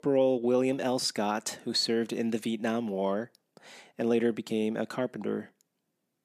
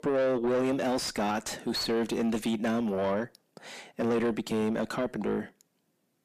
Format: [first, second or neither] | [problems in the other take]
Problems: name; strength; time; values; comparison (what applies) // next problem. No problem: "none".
first | distortion; heavy; 7 dB below the speech